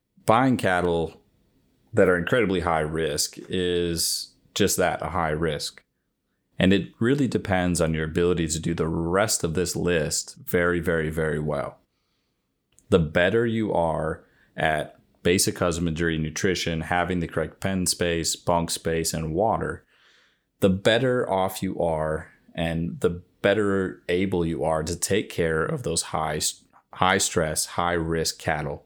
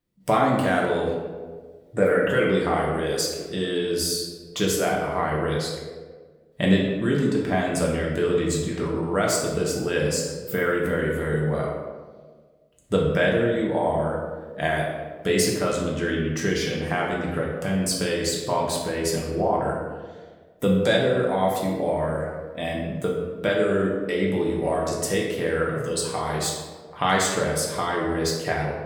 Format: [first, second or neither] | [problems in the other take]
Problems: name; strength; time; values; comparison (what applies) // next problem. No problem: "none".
first | room echo; noticeable; dies away in 1.1 s // off-mic speech; far